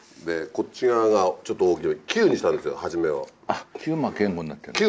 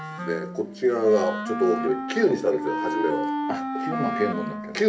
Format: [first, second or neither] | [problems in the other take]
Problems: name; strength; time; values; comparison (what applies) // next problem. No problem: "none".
first | background sound (Wind instrument, woodwind instrument); 5 dB below the speech // room echo; dies away in 0.3 s